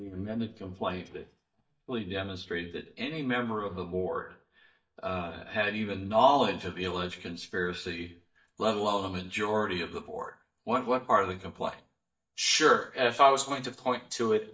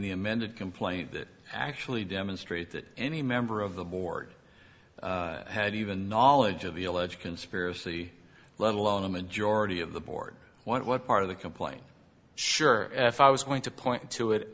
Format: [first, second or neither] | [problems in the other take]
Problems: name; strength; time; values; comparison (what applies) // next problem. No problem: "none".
second | noise reduction (neural mask model DeepFilterNet 3)